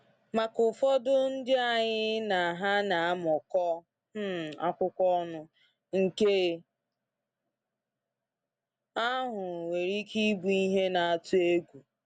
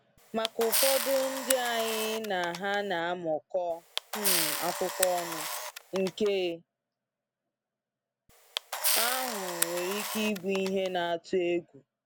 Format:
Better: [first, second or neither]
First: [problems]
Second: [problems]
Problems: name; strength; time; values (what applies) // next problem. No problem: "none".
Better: first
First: none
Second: background sound (Camera); 1 dB below the speech